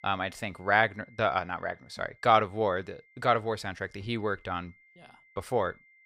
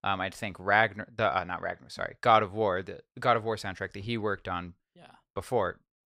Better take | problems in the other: second | high-pitched whine; faint; throughout; 2 kHz, 30 dB below the speech

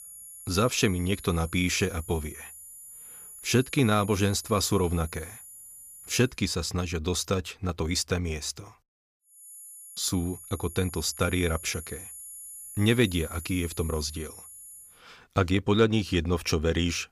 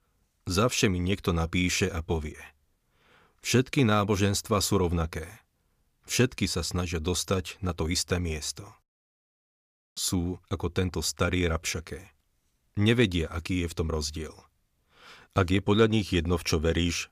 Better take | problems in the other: second | high-pitched whine; noticeable; until 6.5 s and from 9.5 to 15 s; 10 kHz, 15 dB below the speech

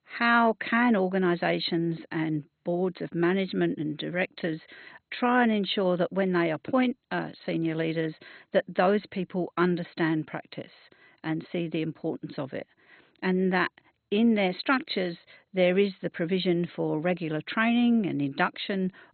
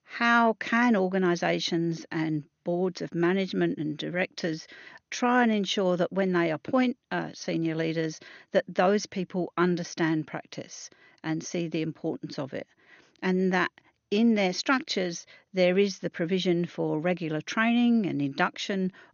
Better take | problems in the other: second | garbled, watery; badly; nothing above 4 kHz; slightly in the second

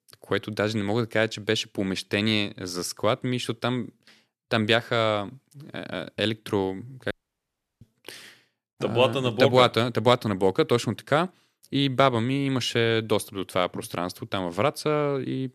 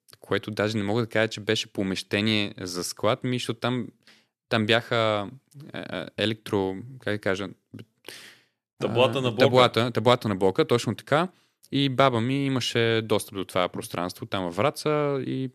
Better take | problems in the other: second | audio cutting out; at 7 s for 0.5 s

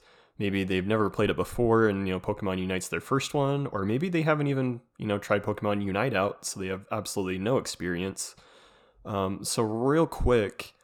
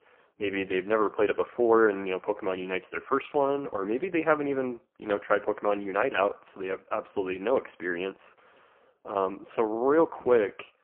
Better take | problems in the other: first | phone-call audio; poor line

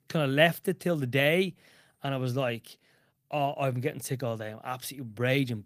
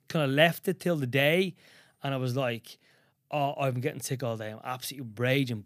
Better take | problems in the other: second | garbled, watery; slightly; nothing above 15 kHz

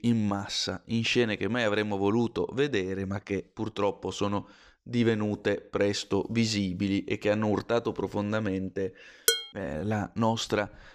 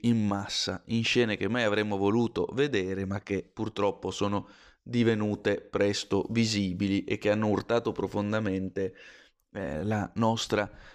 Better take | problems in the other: second | clattering dishes; loud; at 9.5 s; peak 3 dB above the speech

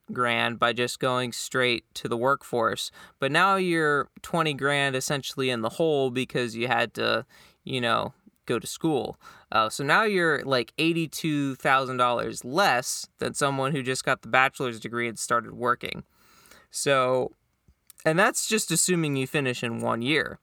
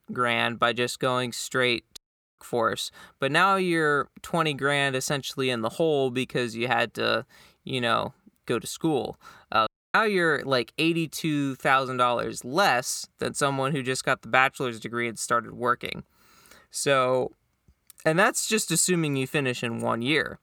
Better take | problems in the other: first | audio cutting out; at 2 s and at 9.5 s

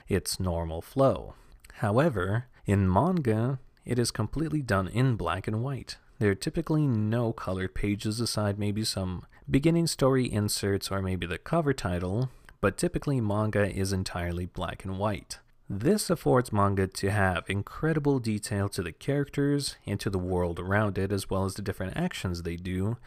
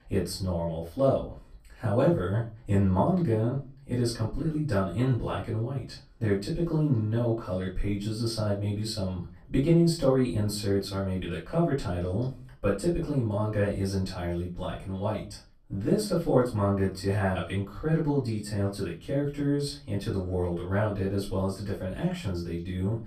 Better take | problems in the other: first | off-mic speech; far // room echo; slight; dies away in 0.3 s

